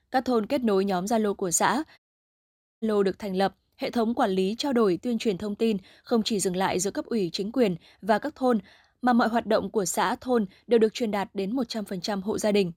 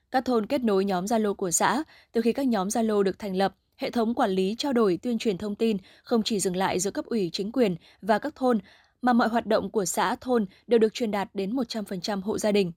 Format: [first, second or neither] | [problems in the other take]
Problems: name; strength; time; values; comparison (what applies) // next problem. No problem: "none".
second | audio cutting out; at 2 s for 1 s